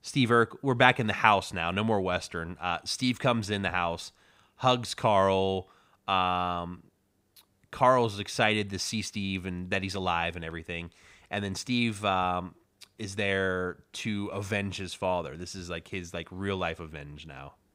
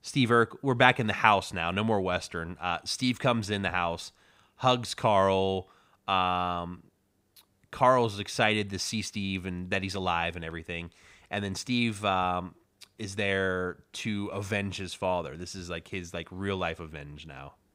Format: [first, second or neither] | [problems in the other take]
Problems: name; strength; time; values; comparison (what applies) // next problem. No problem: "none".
neither | none